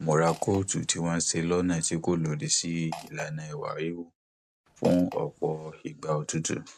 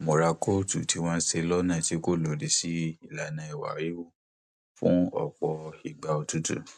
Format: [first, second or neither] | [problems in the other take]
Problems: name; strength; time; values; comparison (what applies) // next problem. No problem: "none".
second | background sound (Fart); 16 dB below the speech